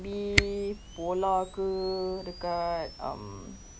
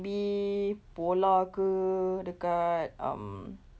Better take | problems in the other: second | background sound (Camera); 4 dB below the speech

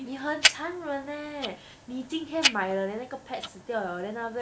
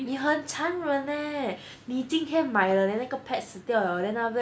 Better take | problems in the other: second | background sound (Tick-tock); 1 dB above the speech

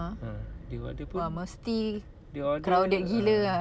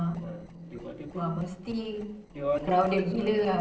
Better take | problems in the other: first | noise reduction (neural separator model SepFormer DNS4)

